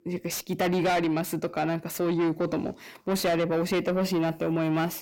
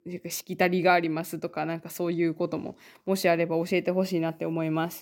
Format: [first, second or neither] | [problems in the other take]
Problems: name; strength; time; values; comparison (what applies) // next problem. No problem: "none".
second | distortion; heavy; 7 dB below the speech